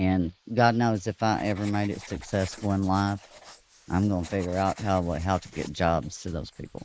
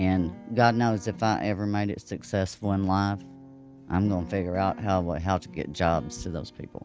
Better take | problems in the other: second | noise reduction (neural mask model Resemble Enhance denoiser)

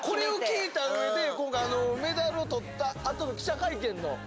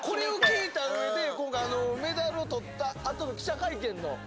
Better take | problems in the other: first | background sound (Piano); 2 dB below the speech

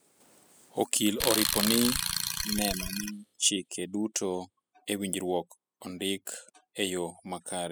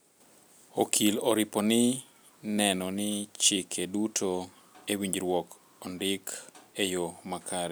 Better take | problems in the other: second | noise reduction (classical method spectral subtraction)

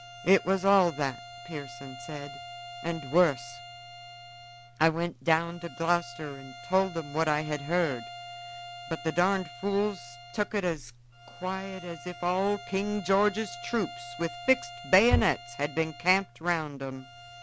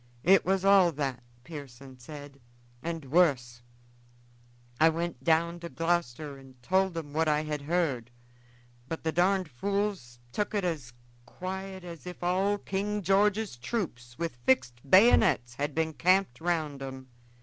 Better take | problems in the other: second | background sound (Bowed string instrument); 15 dB below the speech

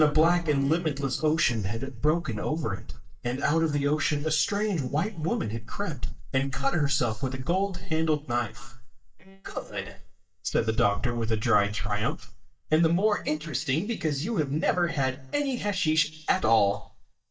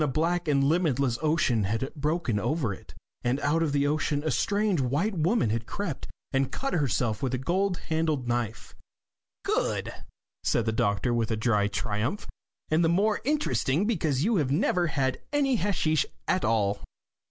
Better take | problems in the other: second | noise reduction (neural mask model DeepFilterNet 3)

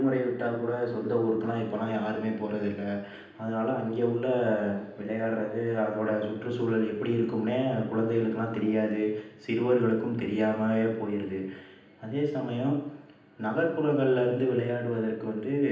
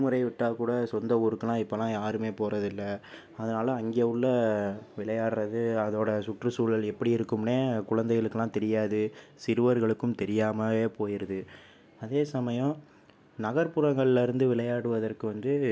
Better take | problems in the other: second | room echo; dies away in 0.9 s

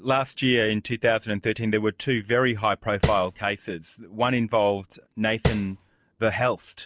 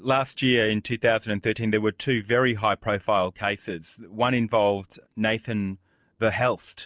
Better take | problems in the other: second | background sound (Tap); 3 dB below the speech

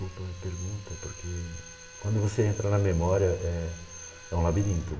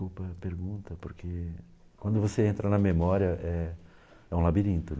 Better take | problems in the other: second | background sound (Drill); 18 dB below the speech // room echo; dies away in 0.9 s

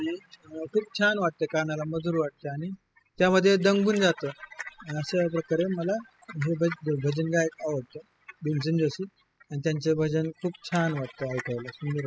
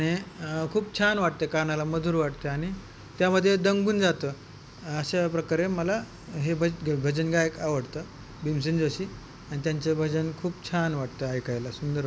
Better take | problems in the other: second | noise reduction (classical method spectral subtraction)

